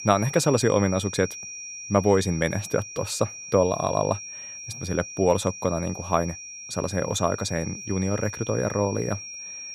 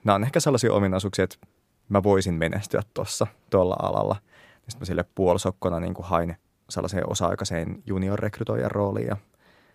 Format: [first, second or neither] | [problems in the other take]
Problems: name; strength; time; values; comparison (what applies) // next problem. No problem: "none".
second | high-pitched whine; noticeable; throughout; 5.5 kHz, 10 dB below the speech